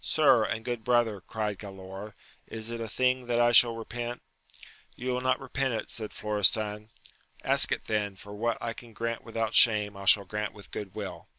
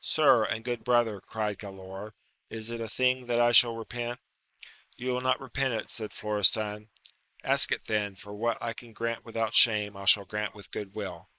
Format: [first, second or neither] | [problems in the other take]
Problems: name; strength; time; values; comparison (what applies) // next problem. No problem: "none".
first | noise reduction (neural mask model Resemble Enhance denoiser)